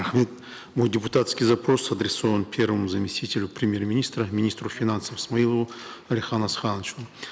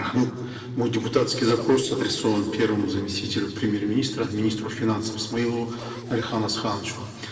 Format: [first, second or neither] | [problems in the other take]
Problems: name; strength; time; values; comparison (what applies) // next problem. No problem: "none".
first | noise reduction (neural separator model SepFormer DNS4)